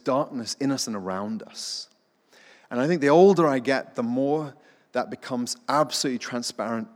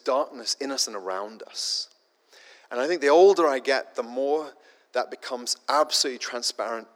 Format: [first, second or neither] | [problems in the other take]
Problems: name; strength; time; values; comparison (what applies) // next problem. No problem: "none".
first | thin; somewhat; fading below 400 Hz